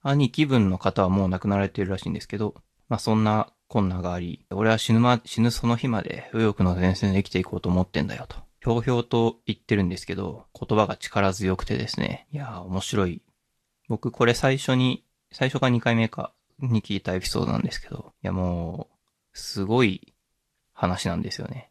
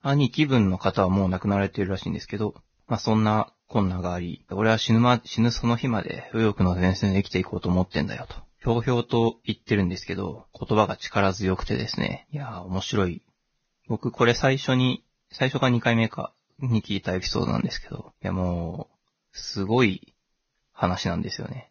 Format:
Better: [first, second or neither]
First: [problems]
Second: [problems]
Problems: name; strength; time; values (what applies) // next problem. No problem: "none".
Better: first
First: garbled, watery; slightly; nothing above 12.5 kHz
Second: garbled, watery; badly; nothing above 6.5 kHz